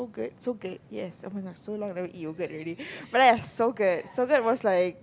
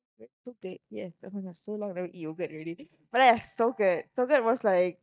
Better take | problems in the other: first | noise reduction (neural mask model DeepFilterNet 3)

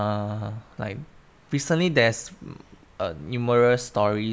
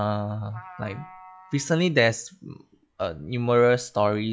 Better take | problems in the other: first | noise reduction (classical method log-MMSE)

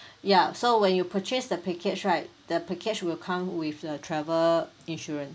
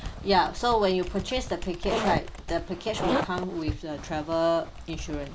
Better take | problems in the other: first | background sound (Zipper (clothing) + Computer keyboard); 5 dB below the speech

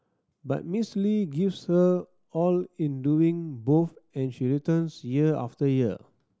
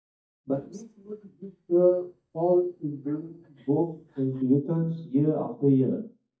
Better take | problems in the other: first | noise reduction (neural mask model DeepFilterNet 3)

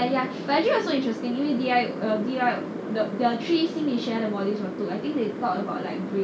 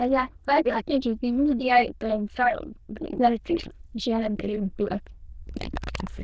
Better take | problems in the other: first | noise reduction (neural diffusion model UNIVERSE++)

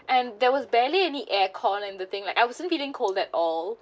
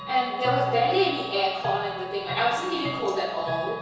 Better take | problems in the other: first | background sound (Chime / Clock); 7 dB below the speech // room echo; dies away in 1.1 s

